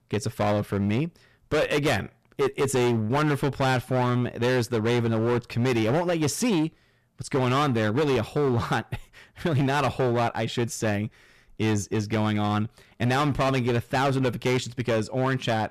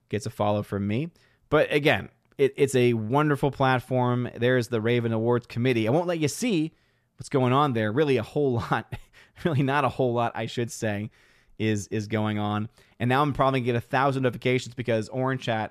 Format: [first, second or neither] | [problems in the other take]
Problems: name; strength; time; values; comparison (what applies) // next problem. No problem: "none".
second | distortion; heavy; 18% of the sound clipped